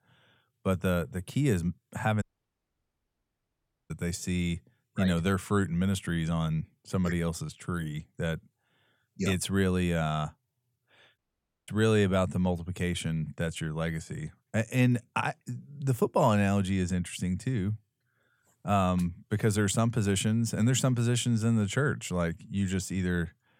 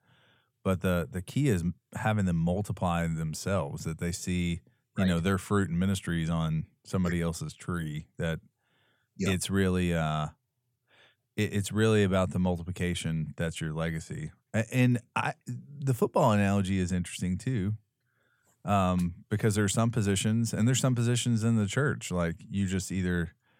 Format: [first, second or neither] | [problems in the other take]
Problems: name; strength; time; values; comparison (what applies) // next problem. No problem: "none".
second | audio cutting out; at 2 s for 1.5 s and at 11 s for 0.5 s